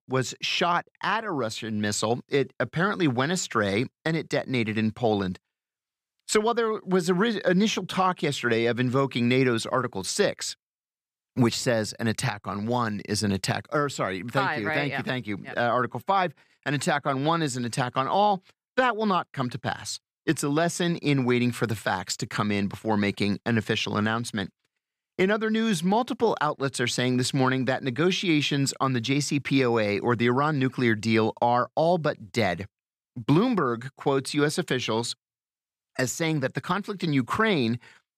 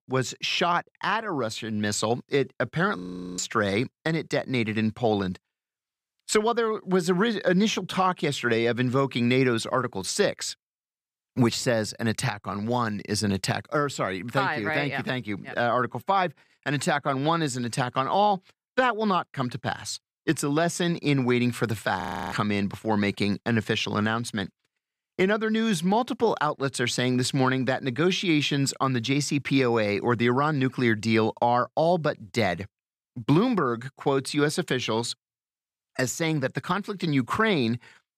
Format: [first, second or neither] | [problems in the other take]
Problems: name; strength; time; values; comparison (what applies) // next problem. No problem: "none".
first | audio freezing; at 3 s and at 22 s